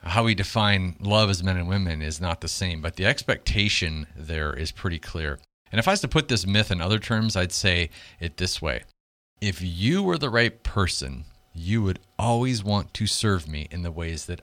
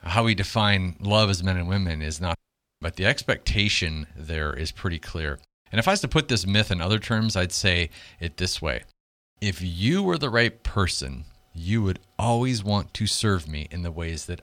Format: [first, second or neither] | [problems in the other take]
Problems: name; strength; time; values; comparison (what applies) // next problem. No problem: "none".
first | audio cutting out; at 2.5 s